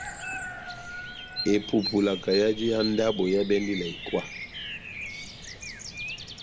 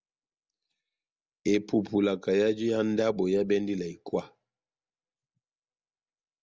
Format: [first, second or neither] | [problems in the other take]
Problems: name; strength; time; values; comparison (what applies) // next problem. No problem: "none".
second | background sound (Bird vocalization, bird call, bird song); 9 dB below the speech